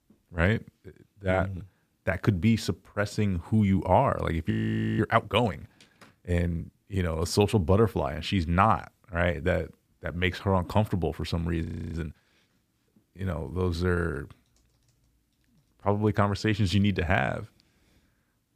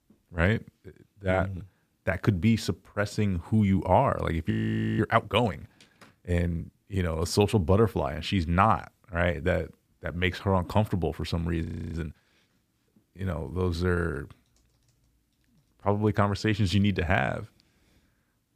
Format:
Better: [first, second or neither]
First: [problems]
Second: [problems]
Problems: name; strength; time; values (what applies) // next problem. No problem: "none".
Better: neither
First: audio freezing; at 4.5 s and at 12 s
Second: audio freezing; at 4.5 s and at 12 s